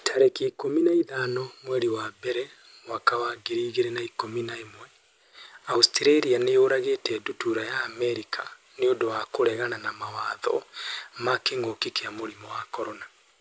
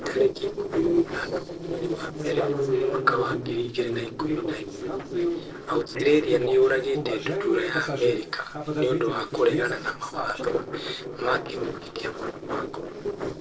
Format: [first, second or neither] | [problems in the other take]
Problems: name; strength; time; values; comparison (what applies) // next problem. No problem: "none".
first | noise reduction (neural separator model SepFormer DNS4)